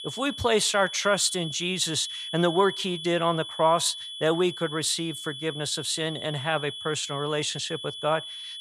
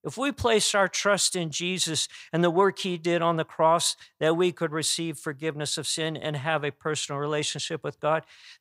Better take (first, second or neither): second